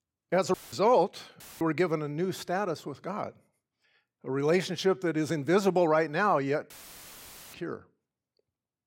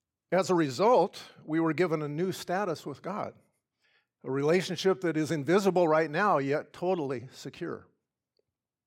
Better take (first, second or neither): second